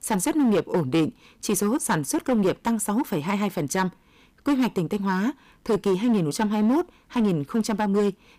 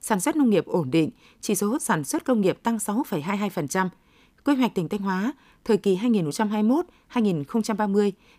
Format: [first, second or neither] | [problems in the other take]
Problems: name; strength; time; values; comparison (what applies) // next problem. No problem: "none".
second | distortion; slight; 8% of the sound clipped